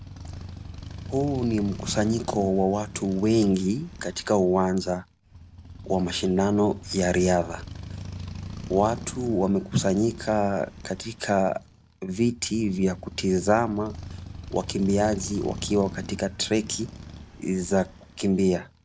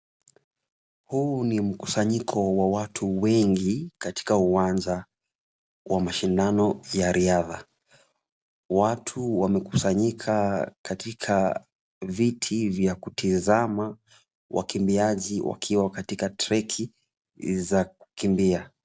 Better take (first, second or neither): second